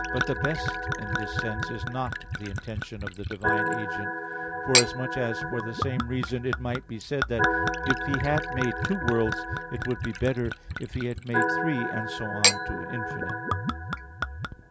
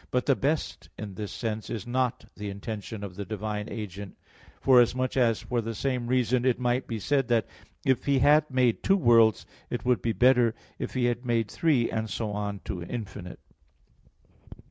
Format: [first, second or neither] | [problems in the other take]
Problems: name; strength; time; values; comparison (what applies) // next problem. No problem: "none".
second | background sound (Organ + Gurgling / Chink, clink / Liquid); 2 dB above the speech